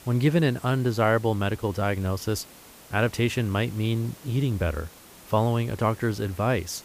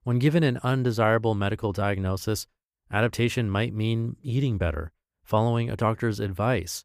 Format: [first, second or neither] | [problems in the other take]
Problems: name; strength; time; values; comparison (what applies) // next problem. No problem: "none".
second | hiss; faint; throughout; 20 dB below the speech